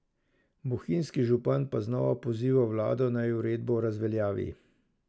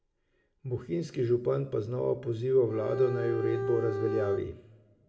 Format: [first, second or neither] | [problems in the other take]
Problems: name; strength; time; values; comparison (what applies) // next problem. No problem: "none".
first | background sound (Bowed string instrument); 4 dB below the speech // room echo; dies away in 0.8 s